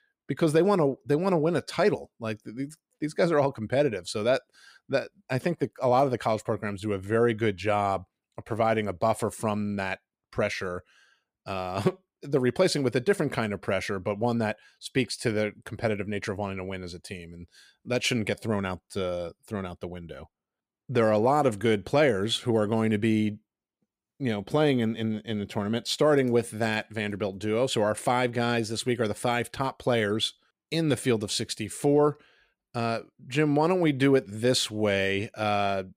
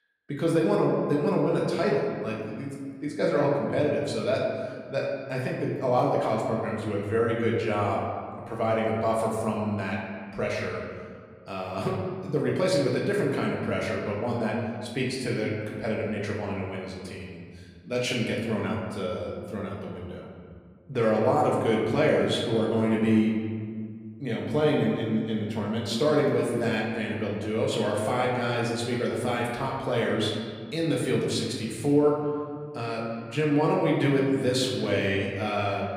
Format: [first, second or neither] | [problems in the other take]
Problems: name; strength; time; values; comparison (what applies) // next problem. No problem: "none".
first | room echo; noticeable; dies away in 1.8 s // off-mic speech; far